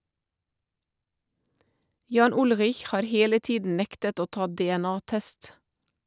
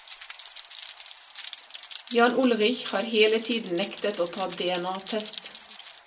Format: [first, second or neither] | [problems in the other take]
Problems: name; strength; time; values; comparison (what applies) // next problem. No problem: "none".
first | background sound (Rain); 16 dB below the speech // room echo; dies away in 0.2 s